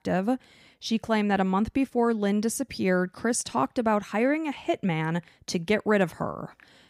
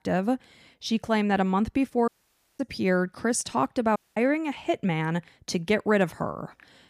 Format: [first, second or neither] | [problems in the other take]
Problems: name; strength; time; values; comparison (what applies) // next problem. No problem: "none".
first | audio cutting out; at 2 s for 0.5 s and at 4 s